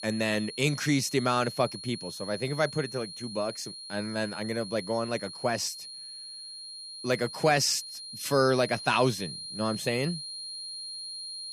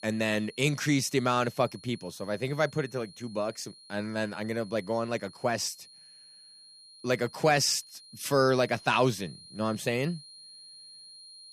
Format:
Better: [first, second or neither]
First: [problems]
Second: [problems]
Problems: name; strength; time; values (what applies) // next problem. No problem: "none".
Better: second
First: high-pitched whine; loud; throughout; 4 kHz, 10 dB below the speech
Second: high-pitched whine; faint; throughout; 4 kHz, 20 dB below the speech